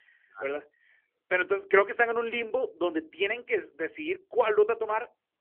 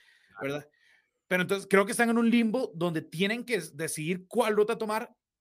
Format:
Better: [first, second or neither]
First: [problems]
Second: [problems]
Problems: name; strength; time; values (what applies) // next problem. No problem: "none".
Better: second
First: phone-call audio; nothing above 3 kHz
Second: none